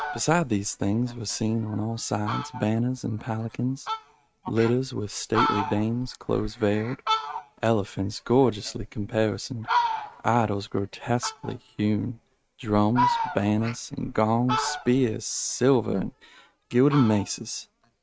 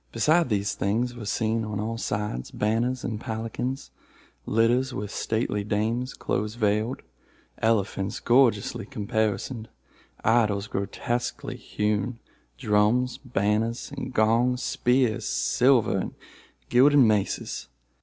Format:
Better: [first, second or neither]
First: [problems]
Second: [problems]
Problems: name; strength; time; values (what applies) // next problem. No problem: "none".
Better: second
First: noise reduction (neural mask model RNNoise)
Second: none